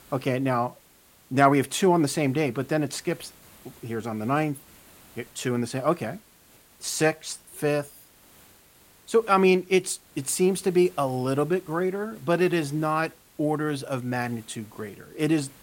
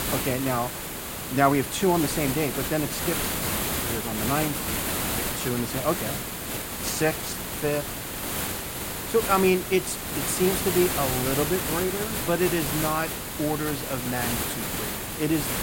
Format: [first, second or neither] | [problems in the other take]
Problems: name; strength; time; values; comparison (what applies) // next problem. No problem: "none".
first | hiss; loud; throughout; 1 dB below the speech; faint in the first